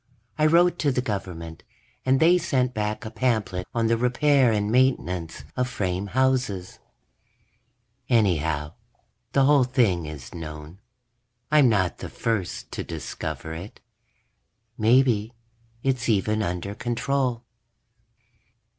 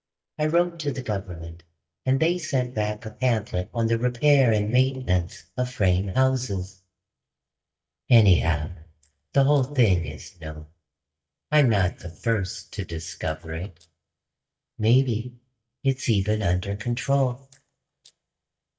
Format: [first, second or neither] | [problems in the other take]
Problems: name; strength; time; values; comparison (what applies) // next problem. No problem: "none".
first | noise reduction (neural mask model DeepFilterNet 3)